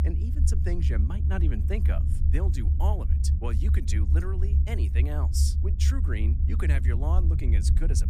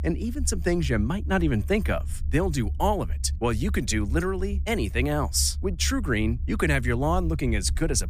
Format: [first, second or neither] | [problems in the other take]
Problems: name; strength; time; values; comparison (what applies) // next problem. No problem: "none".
second | low rumble; loud; throughout; 4 dB below the speech; faint in the second